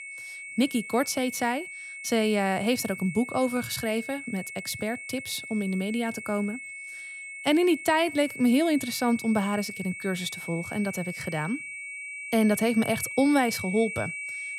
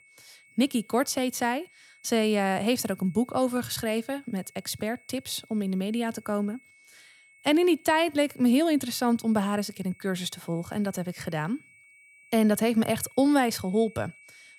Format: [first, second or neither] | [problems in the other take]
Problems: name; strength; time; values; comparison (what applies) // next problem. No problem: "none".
second | high-pitched whine; loud; throughout; 2 kHz, 9 dB below the speech; faint in the second